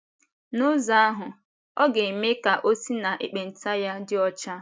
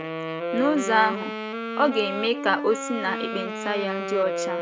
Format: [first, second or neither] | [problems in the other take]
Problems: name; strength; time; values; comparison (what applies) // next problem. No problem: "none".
first | background sound (Wind instrument, woodwind instrument); 5 dB below the speech